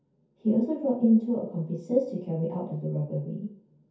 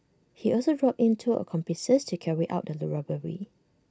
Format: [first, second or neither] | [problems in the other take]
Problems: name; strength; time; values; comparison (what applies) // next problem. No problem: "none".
second | room echo; dies away in 0.6 s